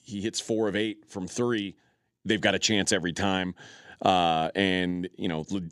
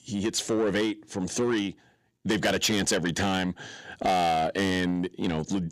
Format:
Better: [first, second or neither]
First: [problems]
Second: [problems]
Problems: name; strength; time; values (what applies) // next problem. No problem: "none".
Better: first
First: none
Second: distortion; heavy; 7 dB below the speech